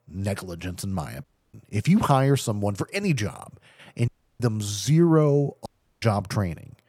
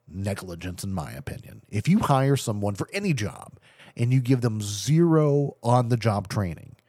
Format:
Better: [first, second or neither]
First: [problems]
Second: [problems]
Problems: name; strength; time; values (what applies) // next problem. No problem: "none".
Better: second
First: audio cutting out; at 1 s, at 4 s and at 5.5 s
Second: none